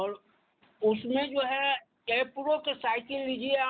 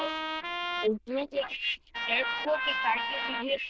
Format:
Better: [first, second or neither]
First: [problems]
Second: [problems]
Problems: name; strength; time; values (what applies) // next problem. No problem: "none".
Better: first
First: none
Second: noise reduction (neural diffusion model UNIVERSE++)